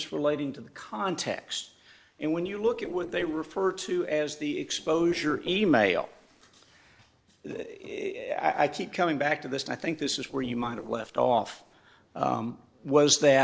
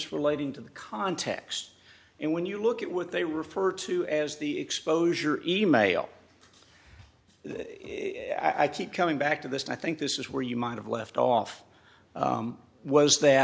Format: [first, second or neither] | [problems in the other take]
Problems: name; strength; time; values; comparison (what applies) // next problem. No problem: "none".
second | noise reduction (neural separator model SepFormer DNS4)